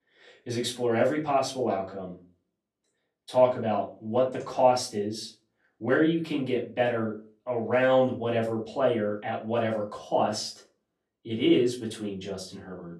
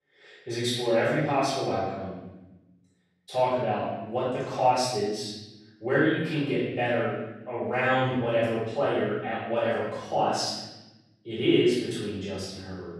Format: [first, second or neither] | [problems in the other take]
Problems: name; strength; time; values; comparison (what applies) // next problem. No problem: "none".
first | room echo; strong; dies away in 1.1 s; slight in the first // off-mic speech; far; far in the first